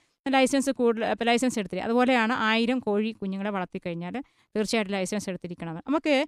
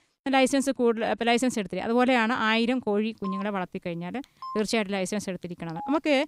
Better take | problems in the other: first | phone ringing; faint; from 3 s on; peak 10 dB below the speech

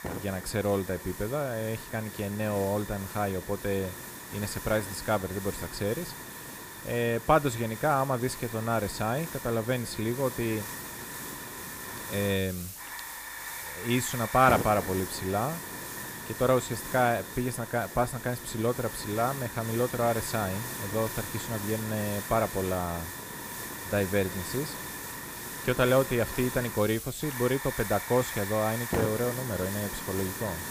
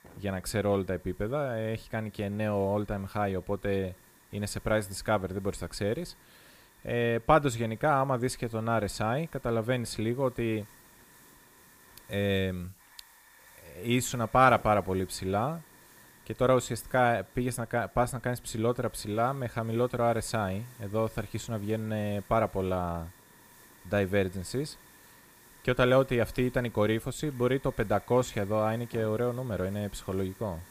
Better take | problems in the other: second | hiss; loud; throughout; 7 dB below the speech; faint in the second

